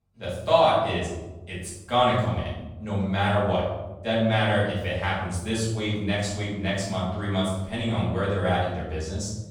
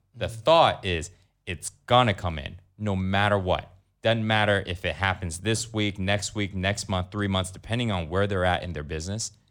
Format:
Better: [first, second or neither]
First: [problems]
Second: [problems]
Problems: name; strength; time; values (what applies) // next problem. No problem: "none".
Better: second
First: off-mic speech; far // room echo; noticeable; dies away in 0.9 s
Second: none